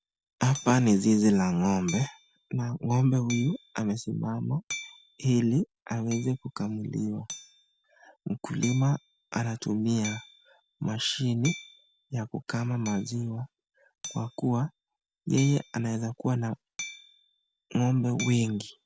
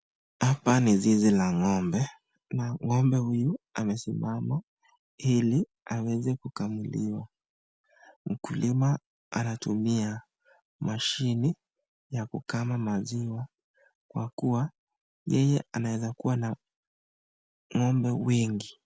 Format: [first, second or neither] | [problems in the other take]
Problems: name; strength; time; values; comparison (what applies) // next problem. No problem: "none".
second | background sound (Hammer); 17 dB below the speech